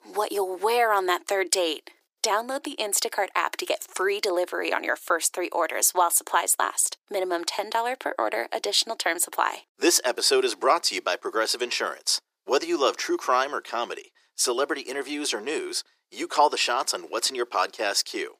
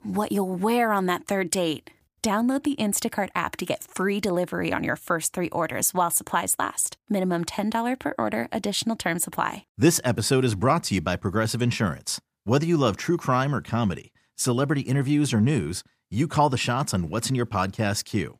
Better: second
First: thin; very; fading below 350 Hz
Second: none

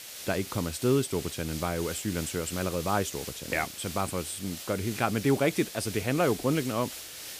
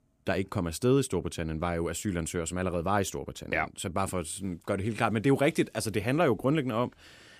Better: second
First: hiss; loud; throughout; 9 dB below the speech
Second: none

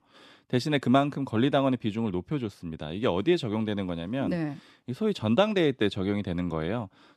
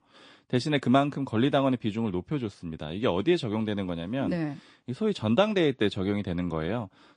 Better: first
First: none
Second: garbled, watery; slightly; nothing above 8 kHz

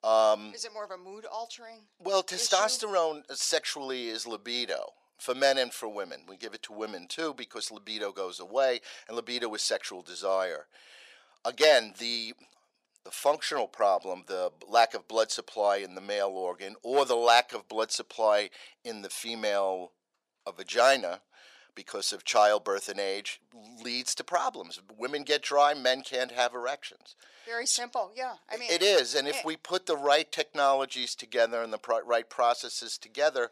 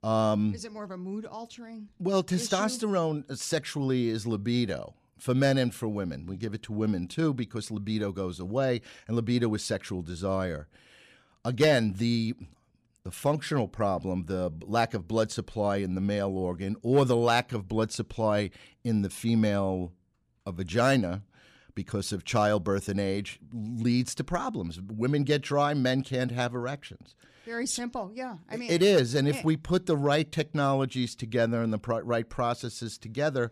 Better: second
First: thin; very; fading below 500 Hz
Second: none

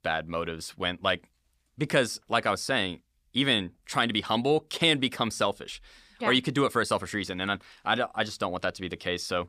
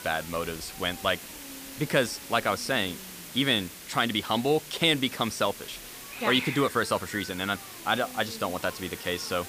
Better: first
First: none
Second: hiss; noticeable; throughout; 10 dB below the speech

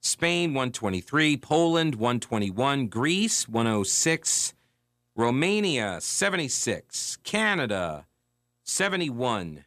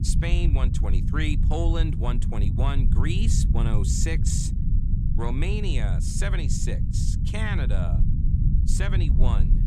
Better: first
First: none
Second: low rumble; loud; throughout; 5 dB below the speech

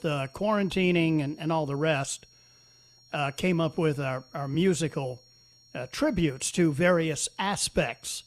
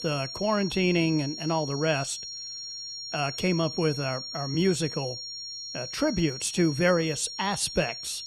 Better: first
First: high-pitched whine; faint; throughout; 5.5 kHz, 30 dB below the speech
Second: high-pitched whine; loud; throughout; 5.5 kHz, 8 dB below the speech

